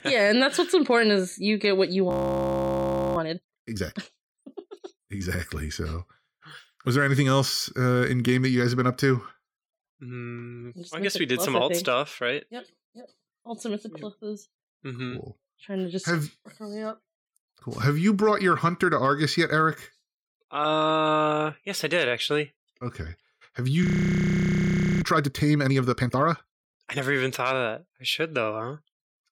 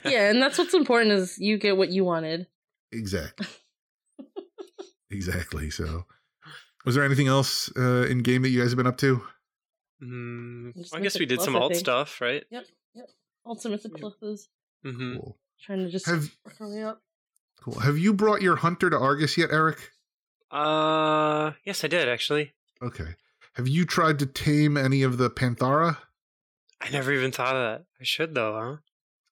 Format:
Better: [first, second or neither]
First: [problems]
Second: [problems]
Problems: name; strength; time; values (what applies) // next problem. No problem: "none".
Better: second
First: audio freezing; at 2 s for 1 s and at 24 s for 1 s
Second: none